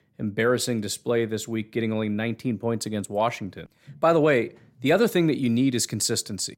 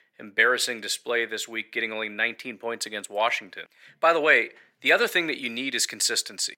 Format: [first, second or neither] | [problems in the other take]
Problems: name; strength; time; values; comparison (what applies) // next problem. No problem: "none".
first | thin; very; fading below 500 Hz